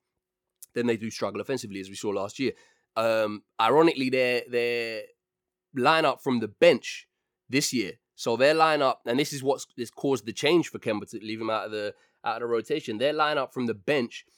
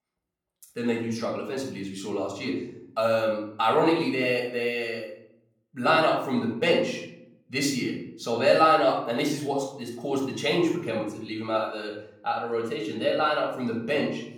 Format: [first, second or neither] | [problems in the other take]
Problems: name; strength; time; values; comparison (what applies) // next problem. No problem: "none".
first | off-mic speech; far // room echo; noticeable; dies away in 0.7 s